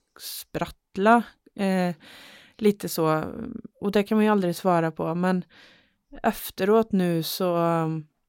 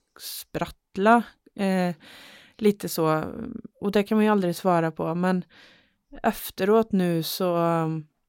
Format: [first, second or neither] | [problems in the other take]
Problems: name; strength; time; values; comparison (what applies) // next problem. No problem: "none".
neither | none